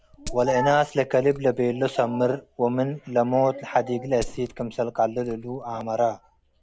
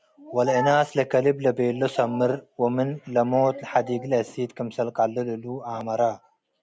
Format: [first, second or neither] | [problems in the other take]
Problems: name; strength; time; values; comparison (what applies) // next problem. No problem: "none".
second | background sound (Glass); 19 dB below the speech